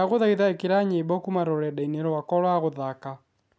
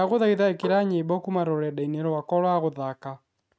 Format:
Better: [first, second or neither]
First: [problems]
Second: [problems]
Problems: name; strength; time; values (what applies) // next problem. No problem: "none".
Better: first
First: none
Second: noise reduction (neural mask model RNNoise)